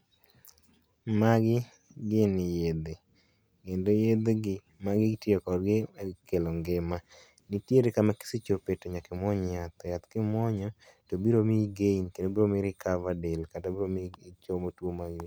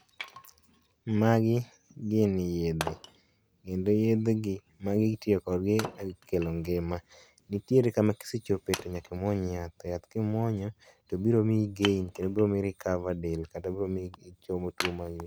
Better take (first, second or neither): first